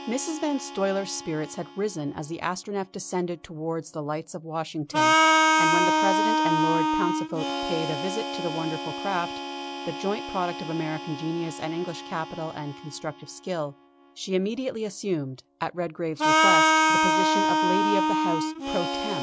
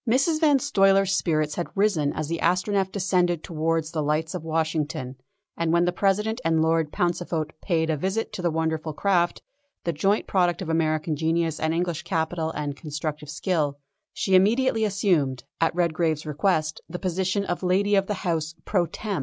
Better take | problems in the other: second | background sound (Harmonica); 4 dB above the speech

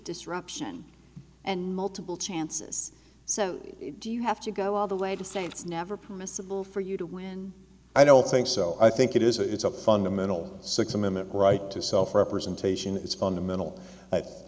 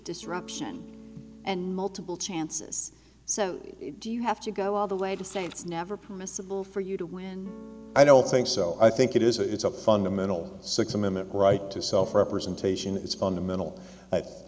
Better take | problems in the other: first | background sound (Electric guitar / Strum); 19 dB below the speech

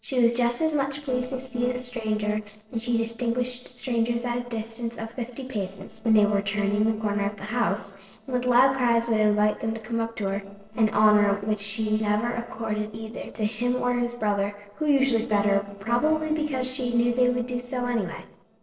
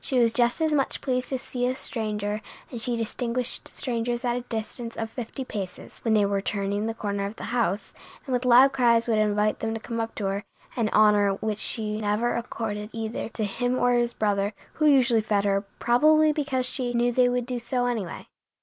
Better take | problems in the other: second | noise reduction (neural separator model SepFormer DNS4)

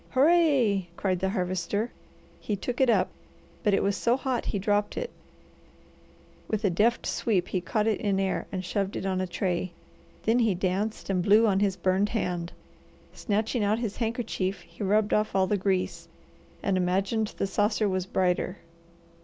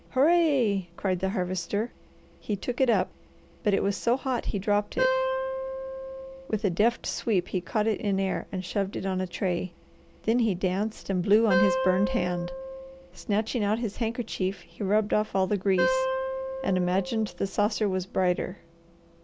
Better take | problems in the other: first | background sound (Wind instrument, woodwind instrument); 4 dB below the speech

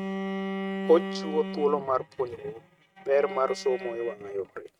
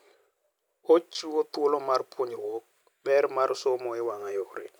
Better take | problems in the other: second | noise reduction (neural mask model RNNoise)

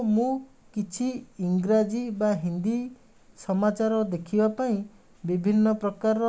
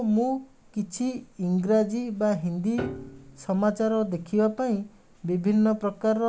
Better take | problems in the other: first | background sound (Piano); 16 dB below the speech

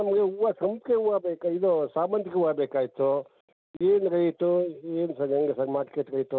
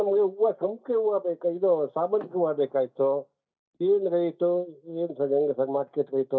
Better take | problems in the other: first | noise reduction (neural mask model DeepFilterNet 3)

